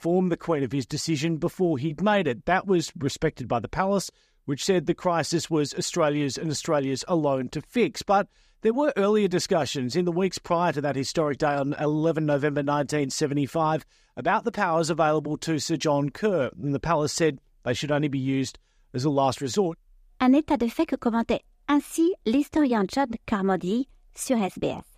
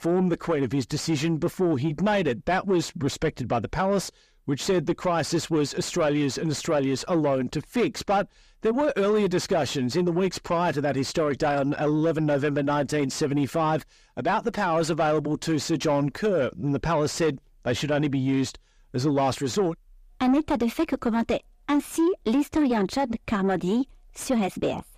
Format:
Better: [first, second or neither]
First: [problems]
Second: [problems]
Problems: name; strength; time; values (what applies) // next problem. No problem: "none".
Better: first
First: none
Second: distortion; slight; 10 dB below the speech